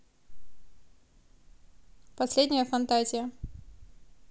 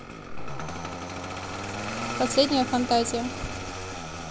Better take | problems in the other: first | background sound (Engine starting); 5 dB below the speech

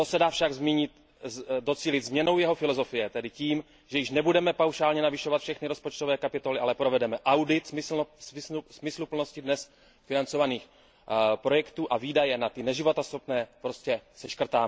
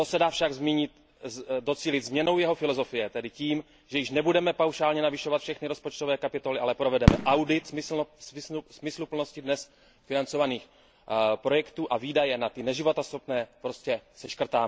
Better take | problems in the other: first | background sound (Fireworks); 4 dB below the speech

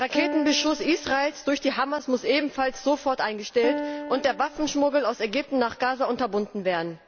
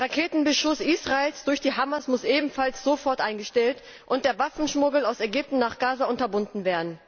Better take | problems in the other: second | background sound (Piano); 12 dB below the speech

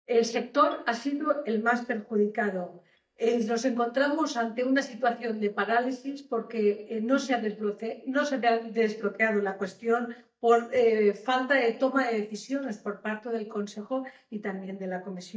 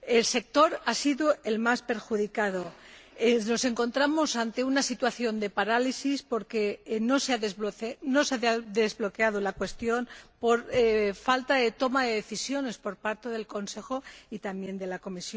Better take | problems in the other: second | noise reduction (neural mask model DeepFilterNet 3)

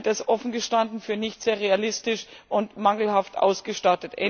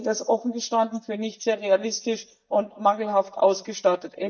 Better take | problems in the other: first | noise reduction (neural mask model DeepFilterNet 3)

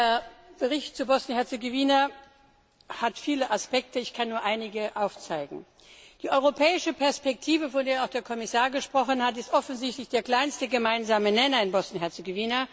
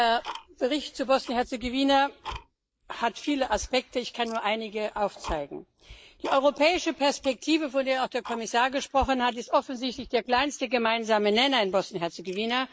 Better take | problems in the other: first | noise reduction (neural mask model Resemble Enhance denoiser)

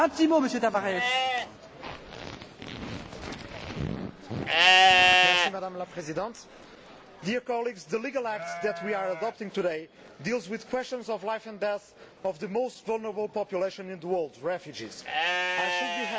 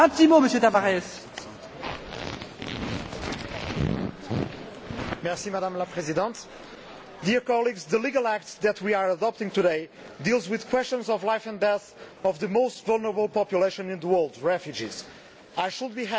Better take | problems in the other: second | background sound (Livestock, farm animals, working animals); 2 dB above the speech

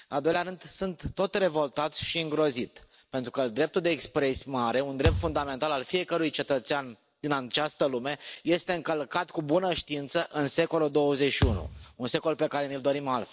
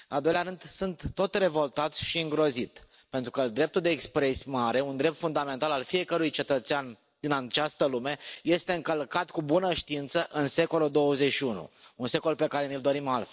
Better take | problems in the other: second | background sound (Thump, thud); 3 dB below the speech

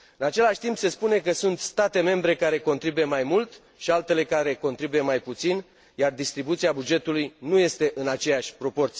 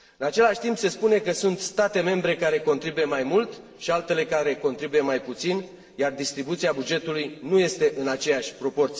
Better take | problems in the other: first | room echo; dies away in 2.1 s

